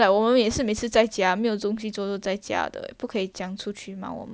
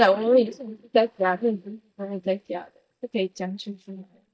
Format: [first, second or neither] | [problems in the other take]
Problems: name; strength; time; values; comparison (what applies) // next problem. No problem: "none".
first | noise reduction (neural mask model DeepFilterNet 3)